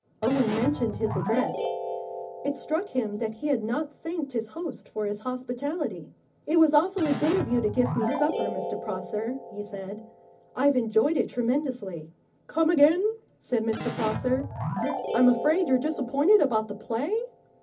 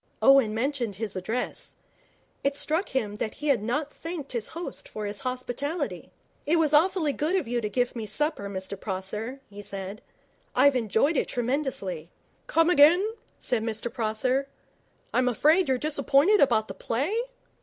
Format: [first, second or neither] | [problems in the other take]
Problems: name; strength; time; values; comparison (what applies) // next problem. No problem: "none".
second | background sound (Keyboard (musical)); 9 dB below the speech // room echo; dies away in 0.4 s